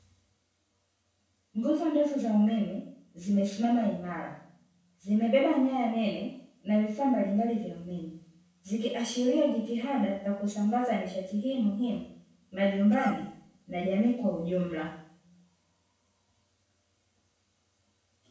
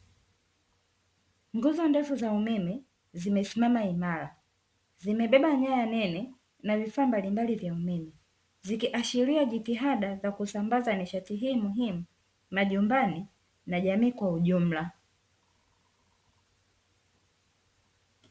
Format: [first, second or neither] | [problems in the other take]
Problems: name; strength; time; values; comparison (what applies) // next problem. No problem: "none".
second | background sound (Cough); 15 dB below the speech // room echo; dies away in 0.6 s